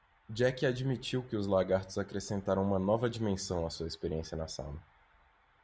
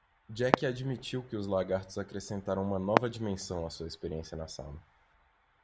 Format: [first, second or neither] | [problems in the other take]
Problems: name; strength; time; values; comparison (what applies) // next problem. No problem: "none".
first | background sound (Fireworks); 2 dB below the speech